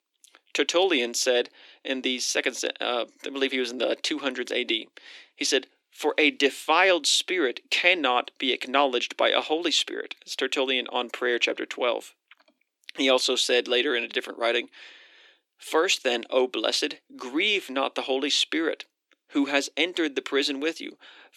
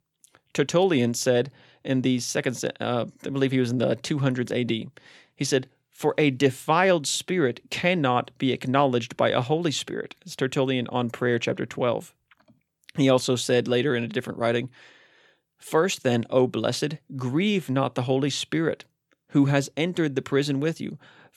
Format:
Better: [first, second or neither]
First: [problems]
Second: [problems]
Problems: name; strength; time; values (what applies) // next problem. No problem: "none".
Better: second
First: thin; somewhat; fading below 300 Hz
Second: none